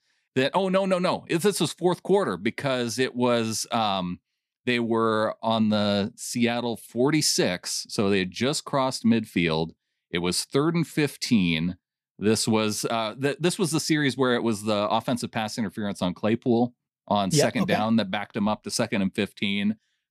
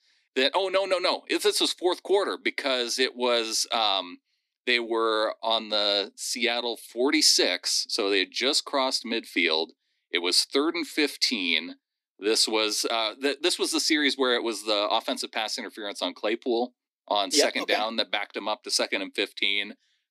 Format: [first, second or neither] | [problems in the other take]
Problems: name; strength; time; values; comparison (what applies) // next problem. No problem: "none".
first | thin; somewhat; fading below 250 Hz